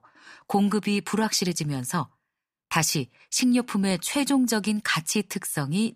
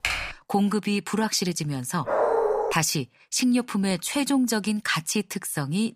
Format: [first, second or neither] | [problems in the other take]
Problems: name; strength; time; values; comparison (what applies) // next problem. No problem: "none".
first | keyboard typing; noticeable; at the start; peak 2 dB below the speech // dog barking; loud; at 2 s; peak 3 dB above the speech